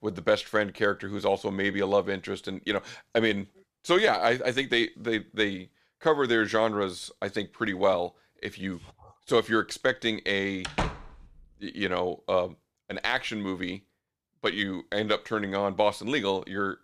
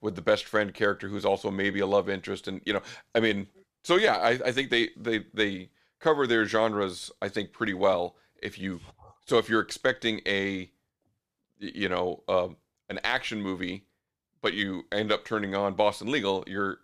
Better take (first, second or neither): second